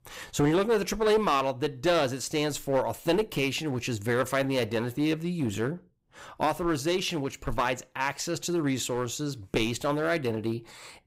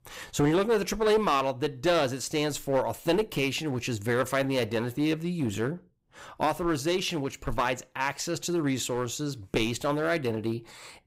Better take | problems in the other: neither | distortion; slight; 6% of the sound clipped; the same in both

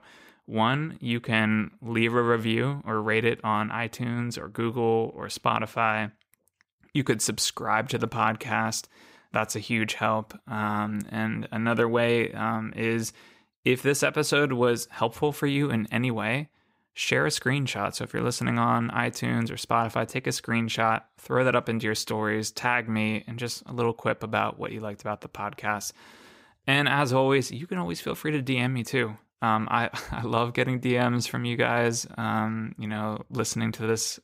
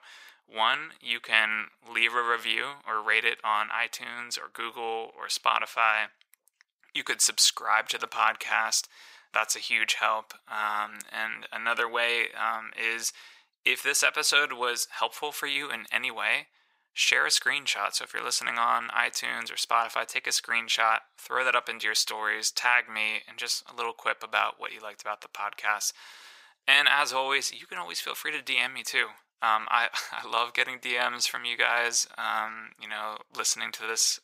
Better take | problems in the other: first | thin; very; fading below 1 kHz

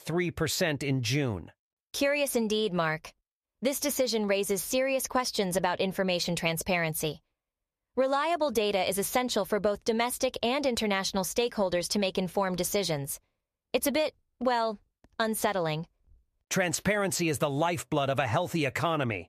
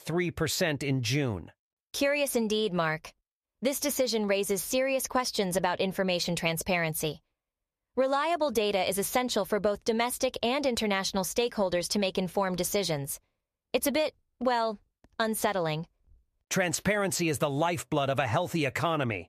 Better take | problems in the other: neither | none

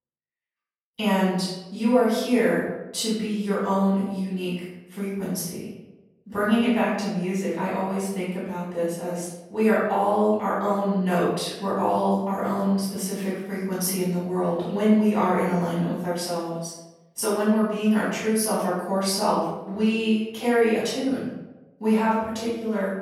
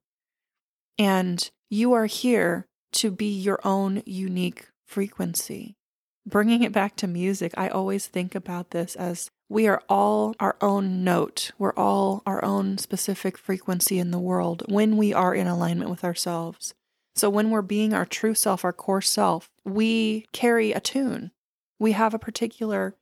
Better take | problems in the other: second | off-mic speech; far // room echo; noticeable; dies away in 0.8 s

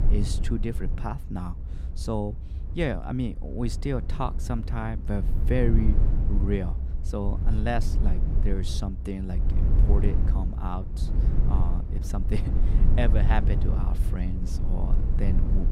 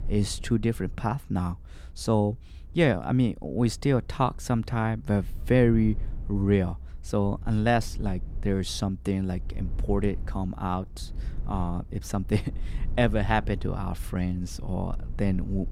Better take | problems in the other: second | low rumble; loud; throughout; 8 dB below the speech; faint in the second

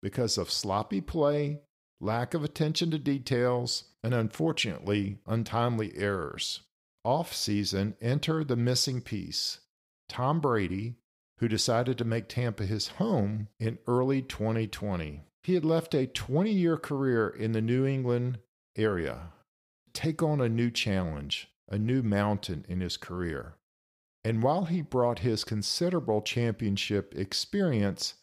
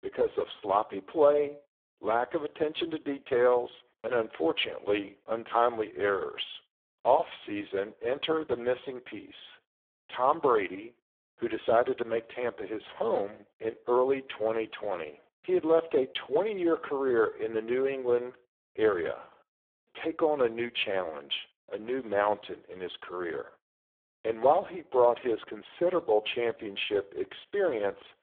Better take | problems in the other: first | phone-call audio; poor line

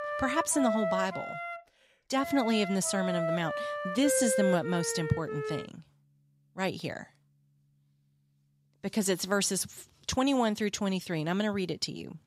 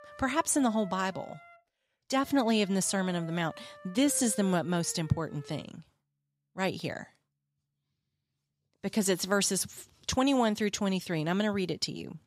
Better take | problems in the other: second | background music; loud; throughout; 4 dB below the speech; faint in the second

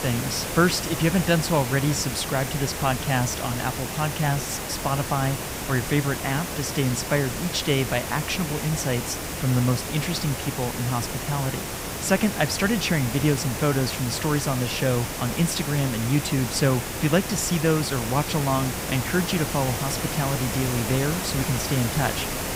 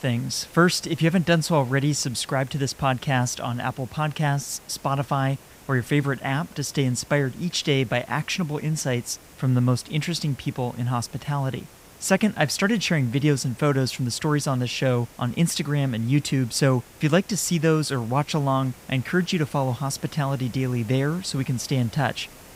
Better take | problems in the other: second | hiss; loud; throughout; 4 dB below the speech; faint in the second

